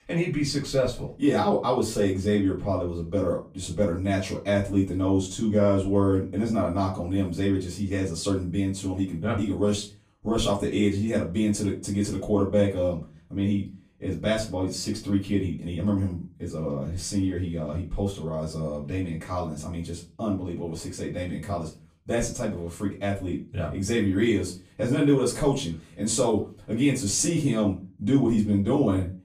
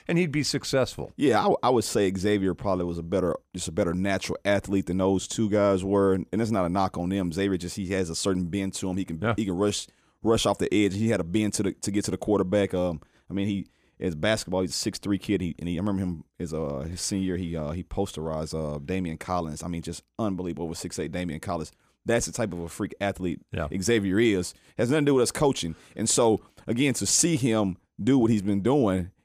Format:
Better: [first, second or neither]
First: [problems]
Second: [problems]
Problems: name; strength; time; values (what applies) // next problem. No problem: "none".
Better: second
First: off-mic speech; far // room echo; slight; dies away in 0.3 s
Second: none